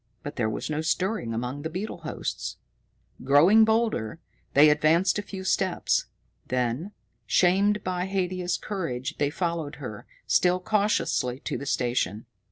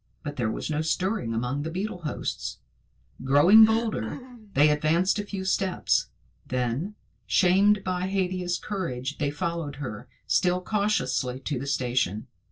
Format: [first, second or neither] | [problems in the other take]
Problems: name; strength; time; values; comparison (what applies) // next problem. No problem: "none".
first | noise reduction (neural separator model SepFormer DNS4)